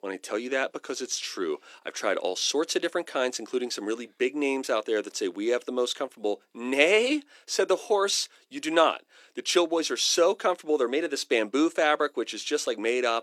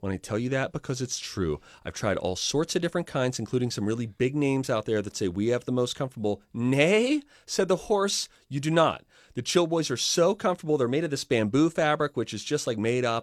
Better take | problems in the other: second | thin; somewhat; fading below 300 Hz

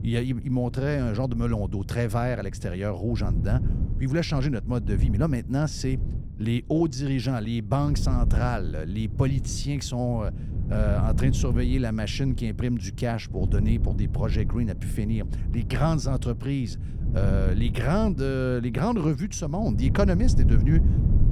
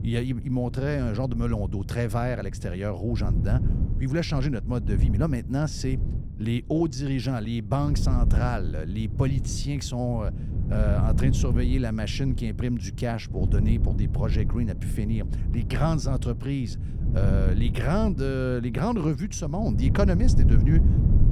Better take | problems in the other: first | wind noise on the microphone; heavy; 9 dB below the speech; occasional gusts in the first

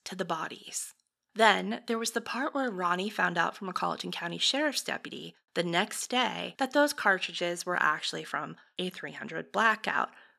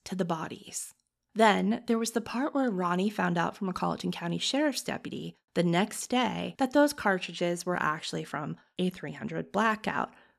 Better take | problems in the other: second | thin; very slightly; fading below 450 Hz

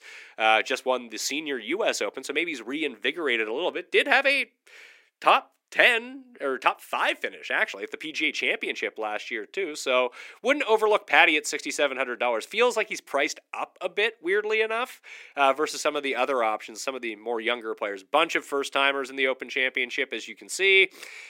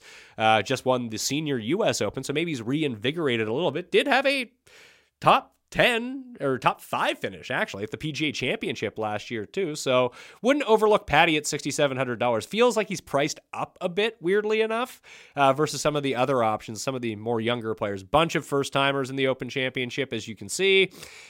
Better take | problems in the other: second | thin; somewhat; fading below 300 Hz

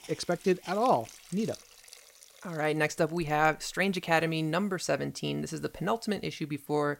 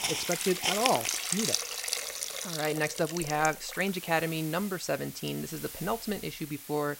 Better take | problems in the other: first | hiss; loud; throughout; 1 dB below the speech; faint in the first

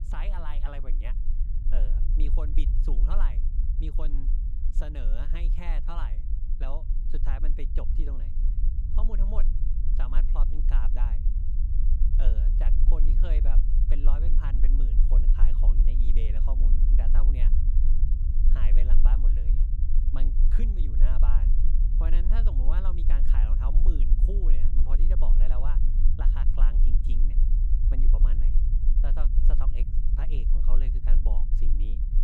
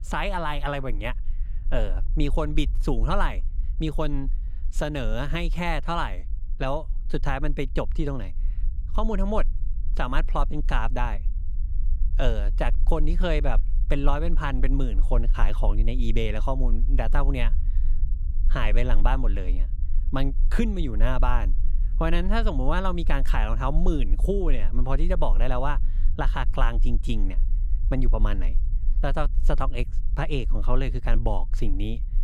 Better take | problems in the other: second | low rumble; loud; throughout; 5 dB below the speech; faint in the second

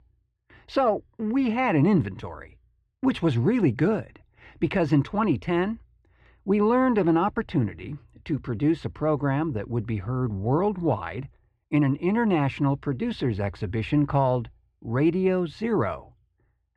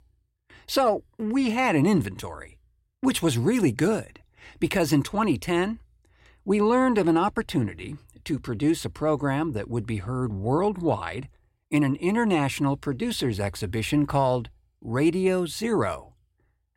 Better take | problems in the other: second | muffled; slightly; fading above 2.5 kHz

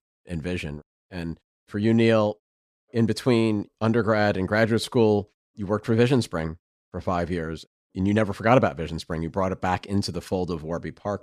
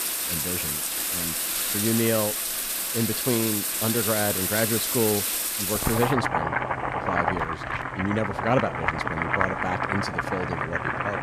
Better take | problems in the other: first | household noises; very loud; throughout; 3 dB above the speech

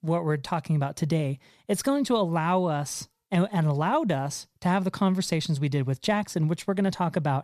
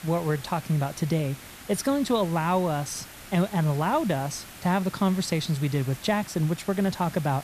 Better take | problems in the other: first | hiss; noticeable; throughout; 15 dB below the speech

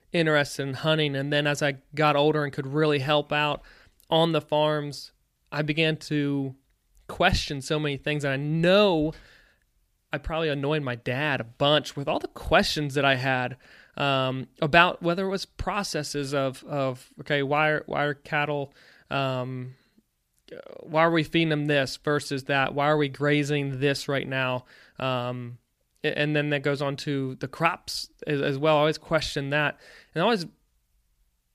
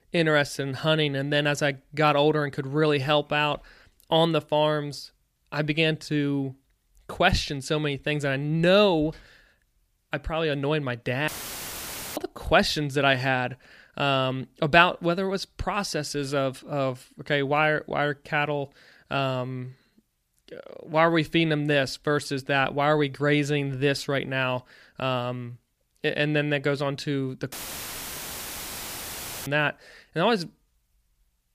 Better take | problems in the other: first | audio cutting out; filled with static; at 11 s for 1 s and at 28 s for 2 s

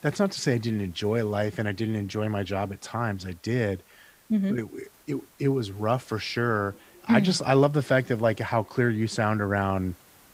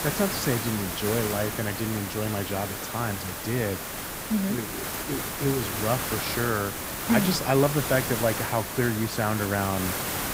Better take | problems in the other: first | hiss; loud; throughout; 2 dB below the speech; faint in the first

